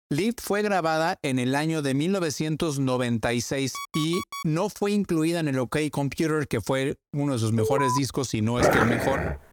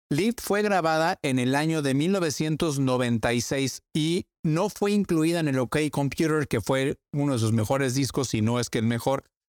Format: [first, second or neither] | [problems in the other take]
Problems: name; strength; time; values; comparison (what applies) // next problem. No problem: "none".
second | alarm; noticeable; at 3.5 s and at 7.5 s; peak level with the speech // dog barking; loud; at 8.5 s; peak 5 dB above the speech